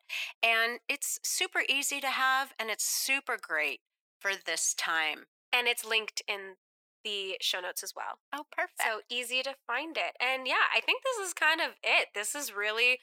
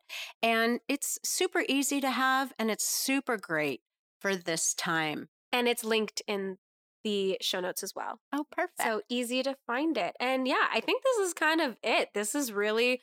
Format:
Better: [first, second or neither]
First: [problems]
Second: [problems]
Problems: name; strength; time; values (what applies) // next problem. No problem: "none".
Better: second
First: thin; very; fading below 650 Hz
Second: none